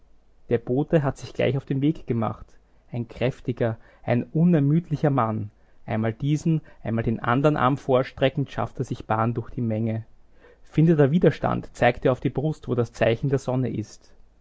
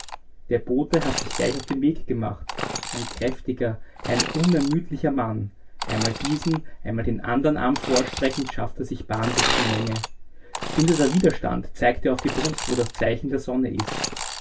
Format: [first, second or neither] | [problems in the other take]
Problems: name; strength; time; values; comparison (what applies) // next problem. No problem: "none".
first | background sound (Sawing / Engine); 8 dB below the speech // room echo; dies away in 0.1 s